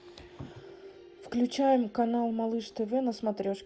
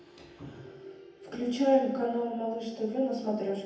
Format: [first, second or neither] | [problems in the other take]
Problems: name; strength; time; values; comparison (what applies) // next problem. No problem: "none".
first | room echo; dies away in 0.9 s